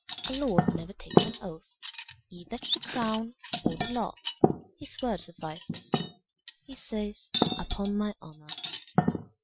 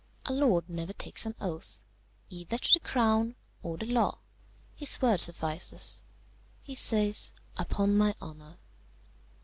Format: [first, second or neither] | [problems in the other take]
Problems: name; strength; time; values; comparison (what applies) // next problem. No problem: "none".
second | noise reduction (classical method Wiener filter)